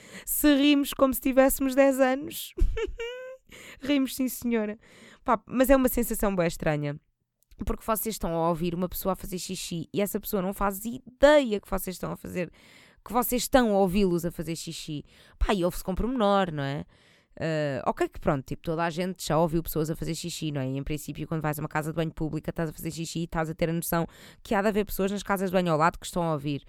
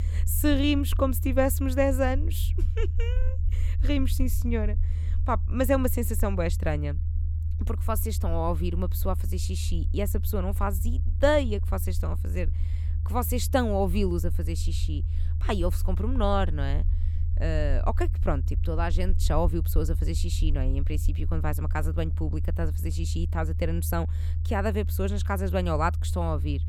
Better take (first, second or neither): first